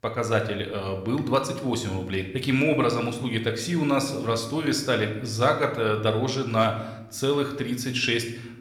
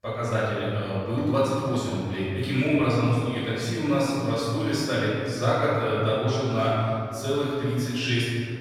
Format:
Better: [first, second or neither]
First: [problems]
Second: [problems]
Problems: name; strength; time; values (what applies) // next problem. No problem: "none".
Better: first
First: room echo; slight; dies away in 0.7 s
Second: room echo; strong; dies away in 2.1 s // off-mic speech; far